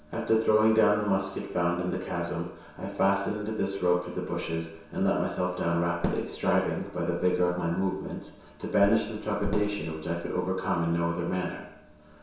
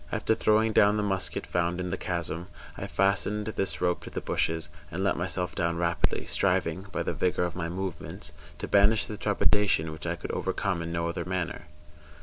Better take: second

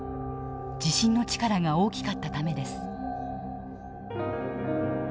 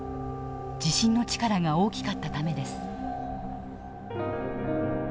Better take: first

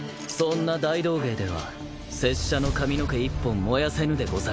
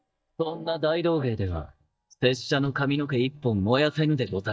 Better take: first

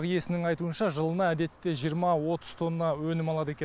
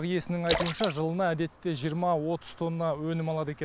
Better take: first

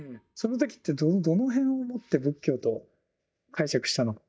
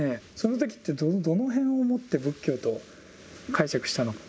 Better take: second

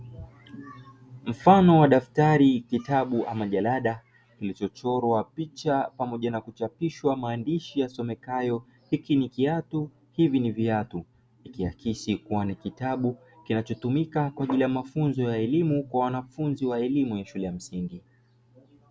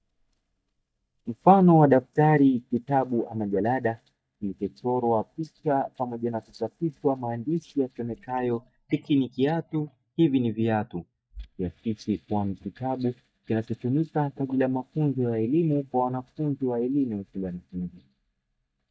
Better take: first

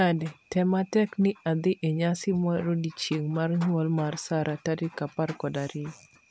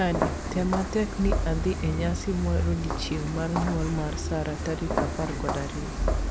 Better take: first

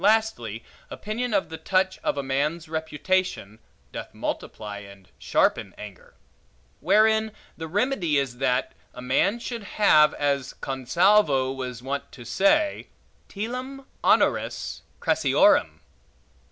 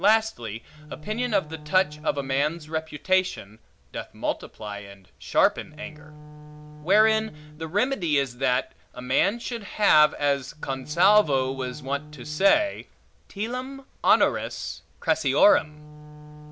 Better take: first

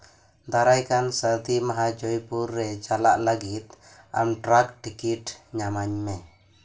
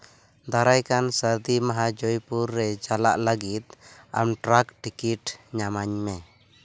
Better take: second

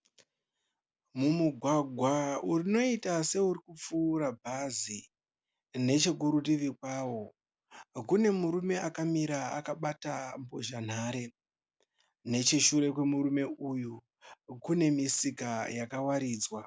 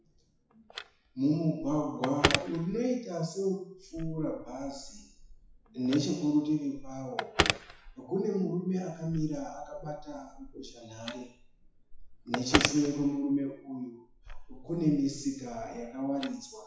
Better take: first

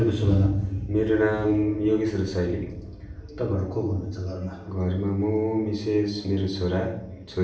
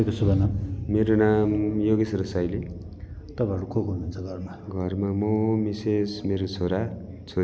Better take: second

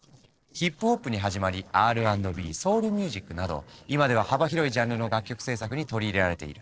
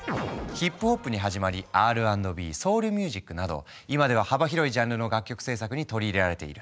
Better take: second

